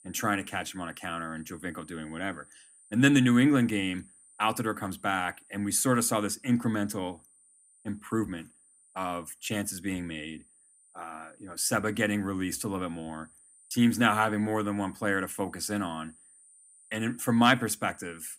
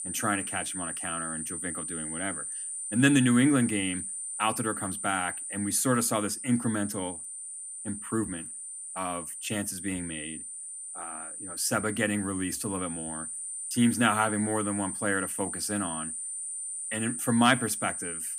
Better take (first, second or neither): first